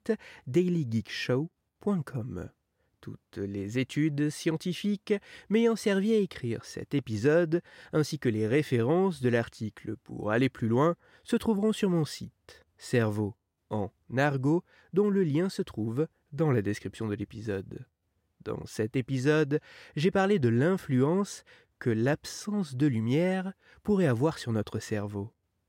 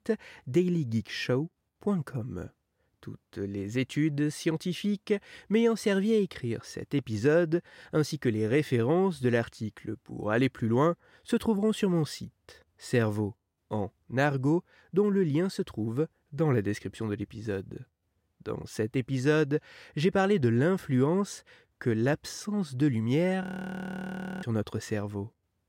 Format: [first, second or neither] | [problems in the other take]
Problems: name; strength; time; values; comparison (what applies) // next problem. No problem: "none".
first | audio freezing; at 23 s for 1 s